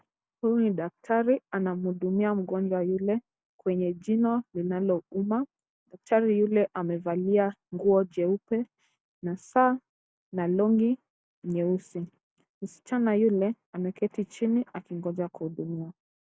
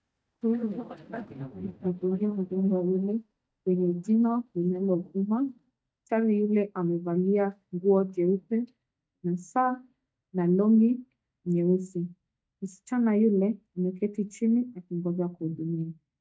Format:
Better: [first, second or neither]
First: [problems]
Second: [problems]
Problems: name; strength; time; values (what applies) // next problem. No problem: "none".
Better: first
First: none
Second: noise reduction (neural mask model DeepFilterNet 3)